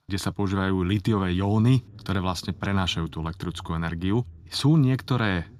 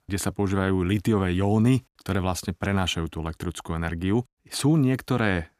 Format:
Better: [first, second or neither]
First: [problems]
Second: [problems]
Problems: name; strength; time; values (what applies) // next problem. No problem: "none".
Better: second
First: room echo; slight; dies away in 3 s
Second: none